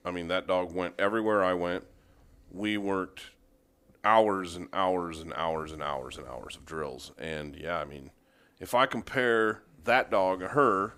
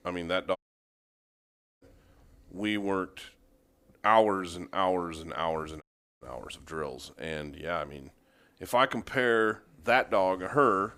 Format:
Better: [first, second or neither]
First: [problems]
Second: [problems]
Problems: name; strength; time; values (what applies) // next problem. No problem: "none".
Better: first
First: none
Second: audio cutting out; at 0.5 s for 1.5 s and at 6 s